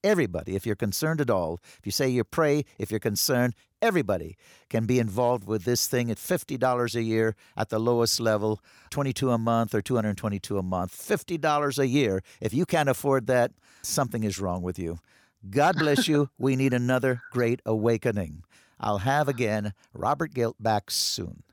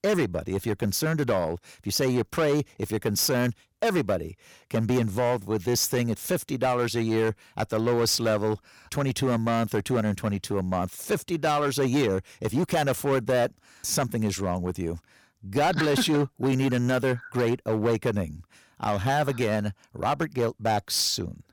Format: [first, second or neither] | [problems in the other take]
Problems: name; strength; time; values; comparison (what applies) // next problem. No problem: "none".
first | distortion; slight; 9% of the sound clipped